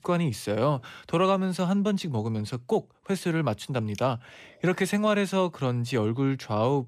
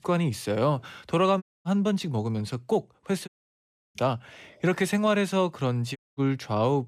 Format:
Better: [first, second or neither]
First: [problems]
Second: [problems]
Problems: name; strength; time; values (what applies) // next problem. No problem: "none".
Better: first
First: none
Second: audio cutting out; at 1.5 s, at 3.5 s for 0.5 s and at 6 s